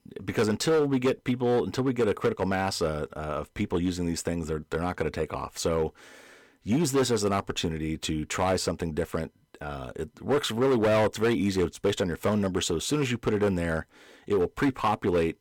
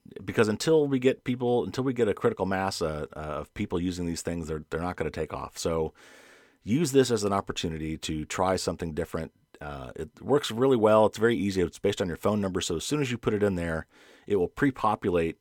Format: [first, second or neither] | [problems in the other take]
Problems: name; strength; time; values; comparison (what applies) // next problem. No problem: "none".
second | distortion; slight; 7% of the sound clipped